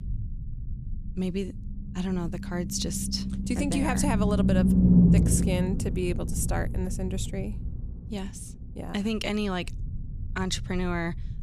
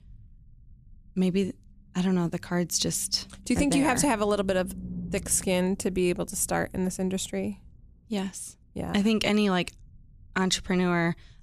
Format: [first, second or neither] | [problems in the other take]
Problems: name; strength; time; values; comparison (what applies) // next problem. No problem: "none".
second | low rumble; loud; throughout; 1 dB below the speech; faint in the second